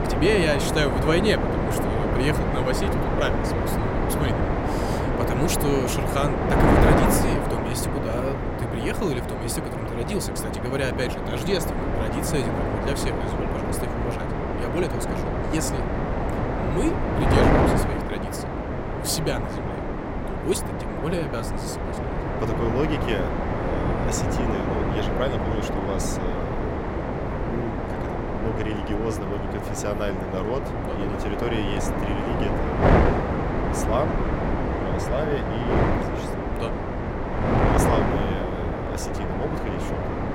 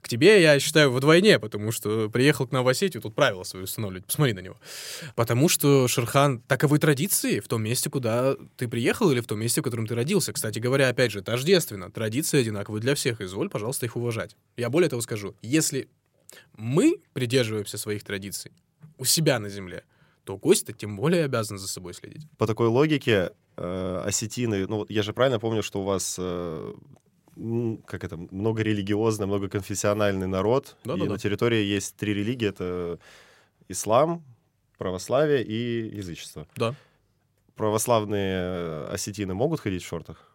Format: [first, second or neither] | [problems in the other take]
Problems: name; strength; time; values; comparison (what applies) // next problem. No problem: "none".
second | wind noise on the microphone; heavy; 3 dB above the speech